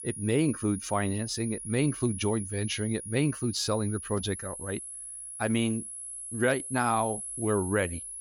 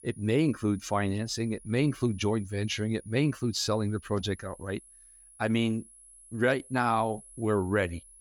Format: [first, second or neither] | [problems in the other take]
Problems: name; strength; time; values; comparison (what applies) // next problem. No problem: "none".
second | high-pitched whine; loud; throughout; 10.5 kHz, 8 dB below the speech; faint in the second